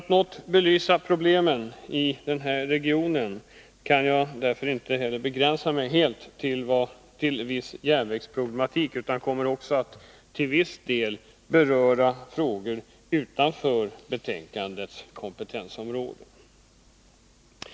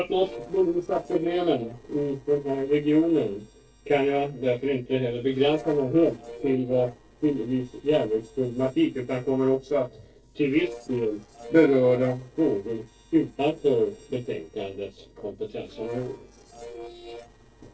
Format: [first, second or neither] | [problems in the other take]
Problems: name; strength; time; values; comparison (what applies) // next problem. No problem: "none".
first | noise reduction (neural separator model SepFormer DNS4)